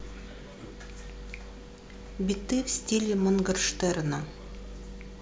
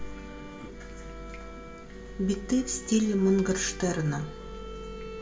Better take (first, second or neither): first